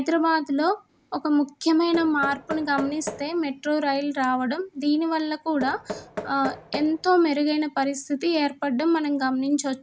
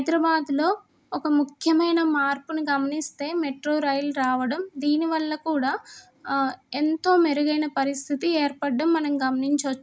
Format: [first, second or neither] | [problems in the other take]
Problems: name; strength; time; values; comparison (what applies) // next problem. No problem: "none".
second | background sound (Knock); 15 dB below the speech